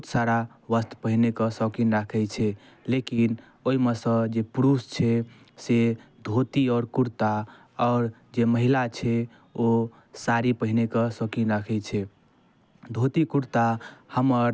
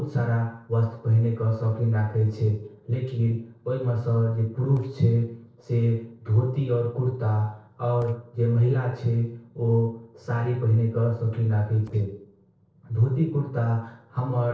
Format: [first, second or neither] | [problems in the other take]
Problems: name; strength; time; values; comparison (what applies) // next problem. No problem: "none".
first | noise reduction (neural separator model SepFormer DNS4)